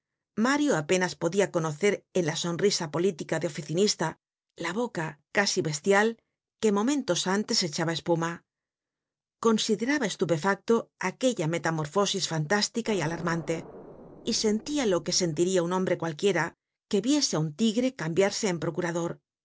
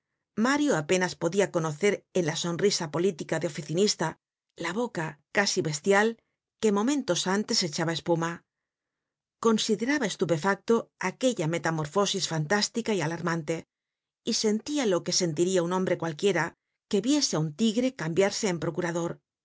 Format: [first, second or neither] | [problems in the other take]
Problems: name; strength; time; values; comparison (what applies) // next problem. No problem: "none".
second | noise reduction (neural separator model SepFormer DNS4)